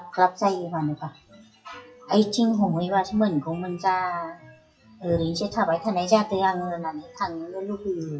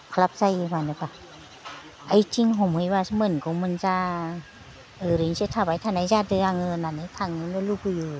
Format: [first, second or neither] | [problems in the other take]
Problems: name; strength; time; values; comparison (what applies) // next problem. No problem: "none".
second | noise reduction (classical method WPE with log-MMSE)